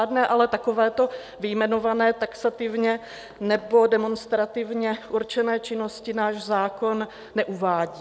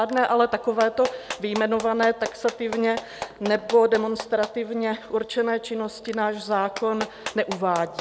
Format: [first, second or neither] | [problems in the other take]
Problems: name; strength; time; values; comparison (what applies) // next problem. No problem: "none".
first | background sound (Clapping); 14 dB below the speech